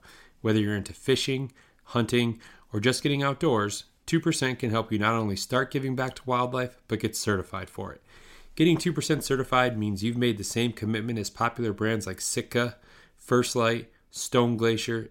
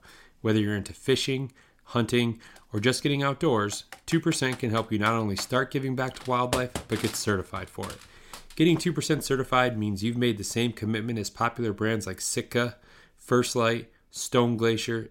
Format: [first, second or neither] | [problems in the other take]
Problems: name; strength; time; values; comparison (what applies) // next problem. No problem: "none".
first | keyboard typing; noticeable; from 3.5 to 8.5 s; peak 5 dB below the speech